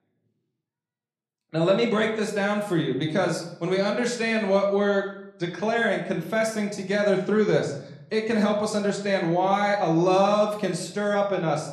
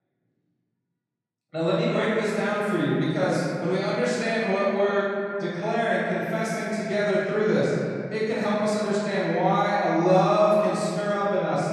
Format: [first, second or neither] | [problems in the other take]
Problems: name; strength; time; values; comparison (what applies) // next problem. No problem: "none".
first | room echo; strong; dies away in 2.4 s; slight in the first // off-mic speech; far; somewhat distant in the first